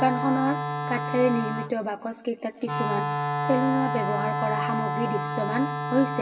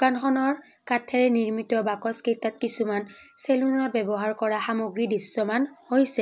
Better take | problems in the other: second | background sound (Wind instrument, woodwind instrument); 2 dB below the speech // room echo; dies away in 2.7 s

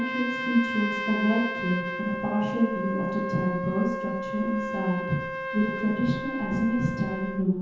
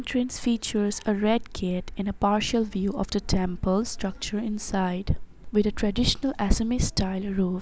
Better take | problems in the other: second | background sound (Trumpet); 5 dB below the speech // room echo; dies away in 0.9 s

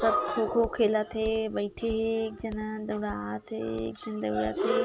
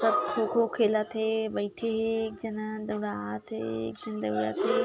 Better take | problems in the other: second | background sound (Walk, footsteps); 19 dB below the speech

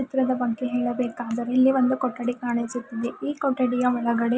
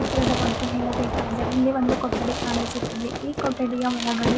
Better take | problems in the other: first | background sound (Fireworks); 1 dB below the speech

